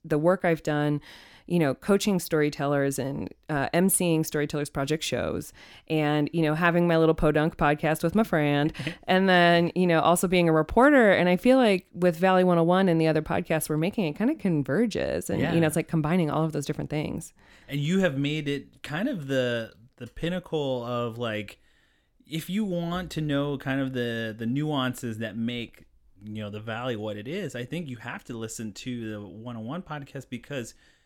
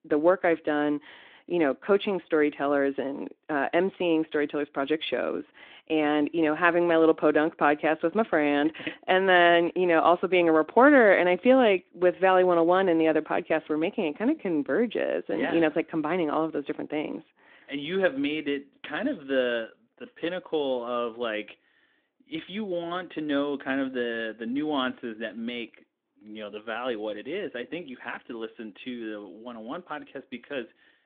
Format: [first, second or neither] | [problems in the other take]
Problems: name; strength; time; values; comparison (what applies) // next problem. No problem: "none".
first | phone-call audio; nothing above 3.5 kHz